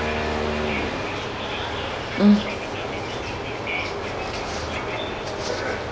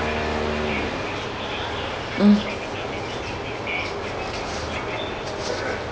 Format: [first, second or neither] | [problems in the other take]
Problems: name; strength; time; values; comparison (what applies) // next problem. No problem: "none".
first | background sound (Thunder / Rain); 19 dB below the speech